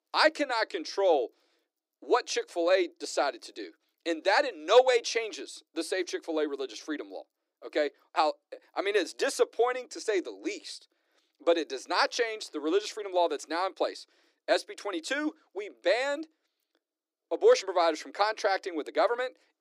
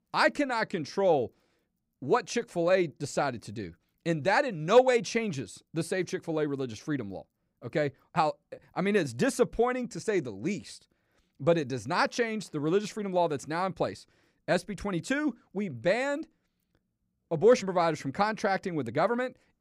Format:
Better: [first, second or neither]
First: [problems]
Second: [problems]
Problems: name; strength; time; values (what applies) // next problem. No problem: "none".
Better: second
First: thin; very; fading below 300 Hz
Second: none